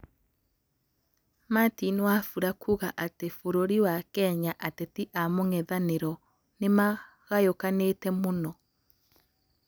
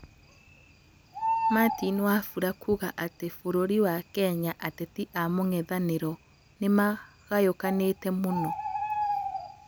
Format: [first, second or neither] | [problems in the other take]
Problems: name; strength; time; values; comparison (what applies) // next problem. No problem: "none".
first | background sound (Bird); 8 dB below the speech